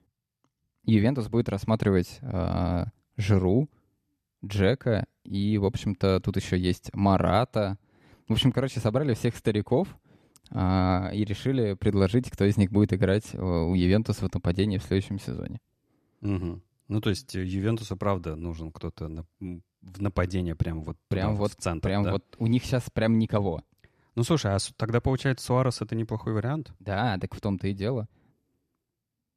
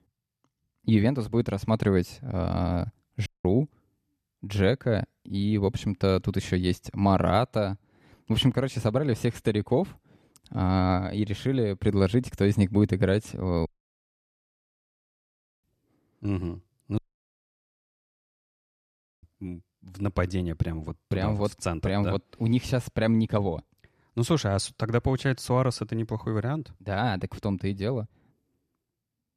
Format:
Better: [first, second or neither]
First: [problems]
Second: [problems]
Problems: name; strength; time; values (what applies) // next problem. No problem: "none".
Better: first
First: none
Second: audio cutting out; at 3.5 s, at 14 s for 2 s and at 17 s for 2.5 s